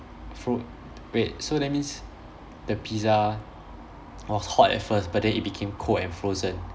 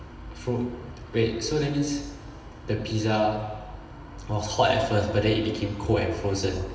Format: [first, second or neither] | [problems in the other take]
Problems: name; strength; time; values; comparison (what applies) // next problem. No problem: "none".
first | room echo; dies away in 1.3 s